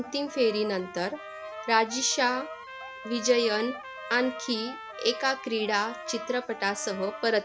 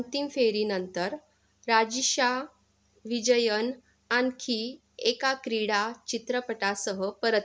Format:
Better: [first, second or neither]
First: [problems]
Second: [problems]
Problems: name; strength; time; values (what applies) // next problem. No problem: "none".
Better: second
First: background sound (Trumpet + Bowed string instrument); 12 dB below the speech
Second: none